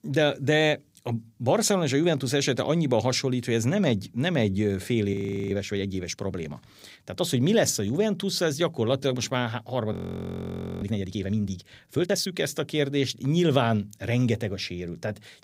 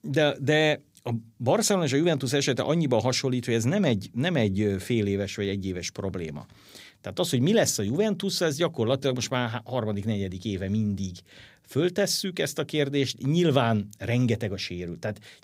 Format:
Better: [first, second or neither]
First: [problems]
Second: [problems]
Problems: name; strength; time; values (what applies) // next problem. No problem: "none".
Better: second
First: audio freezing; at 5 s and at 10 s for 1 s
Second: none